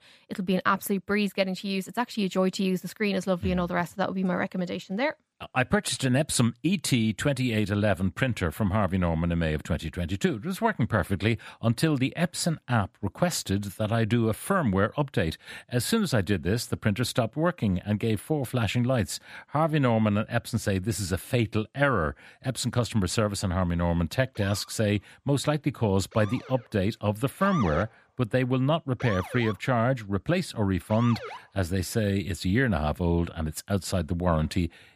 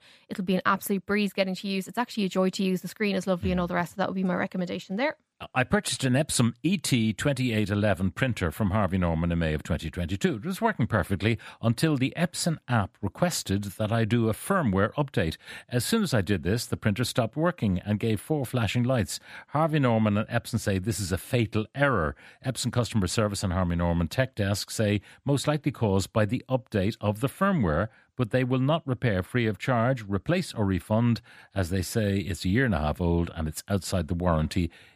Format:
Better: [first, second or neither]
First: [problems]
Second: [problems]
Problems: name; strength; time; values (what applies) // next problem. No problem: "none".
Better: second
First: siren; noticeable; from 24 to 31 s; peak 7 dB below the speech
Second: none